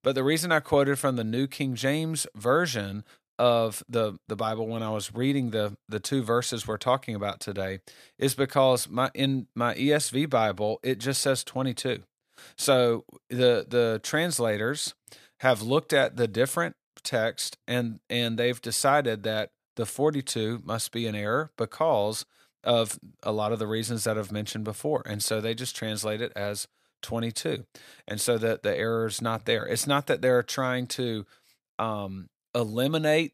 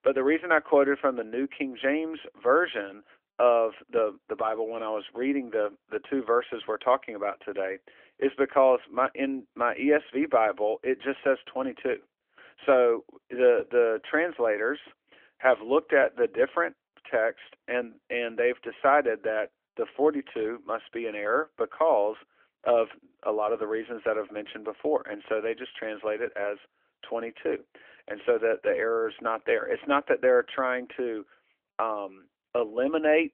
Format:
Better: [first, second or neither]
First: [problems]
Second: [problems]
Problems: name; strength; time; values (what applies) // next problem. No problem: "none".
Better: first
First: none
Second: phone-call audio; nothing above 3.5 kHz